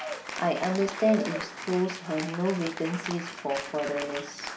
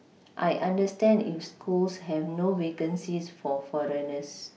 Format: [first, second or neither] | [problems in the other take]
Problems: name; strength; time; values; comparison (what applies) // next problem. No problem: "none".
second | background sound (Applause / Cheering); 8 dB below the speech